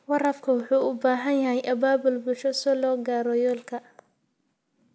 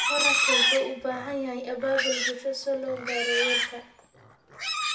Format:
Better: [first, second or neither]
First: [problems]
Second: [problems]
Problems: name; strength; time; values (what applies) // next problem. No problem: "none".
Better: first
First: none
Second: background sound (Livestock, farm animals, working animals); 3 dB above the speech // room echo; dies away in 0.3 s